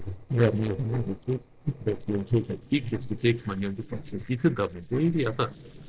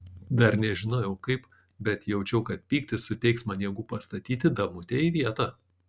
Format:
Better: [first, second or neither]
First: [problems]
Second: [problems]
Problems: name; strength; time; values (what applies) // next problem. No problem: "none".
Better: second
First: noise reduction (neural separator model SepFormer DNS4)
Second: none